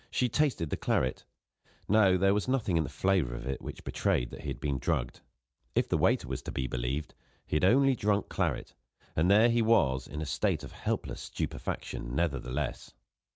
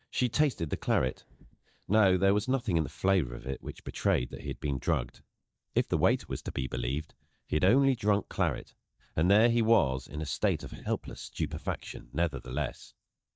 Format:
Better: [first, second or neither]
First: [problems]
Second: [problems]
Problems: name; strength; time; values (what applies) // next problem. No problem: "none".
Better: first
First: none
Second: noise reduction (neural mask model DeepFilterNet 3)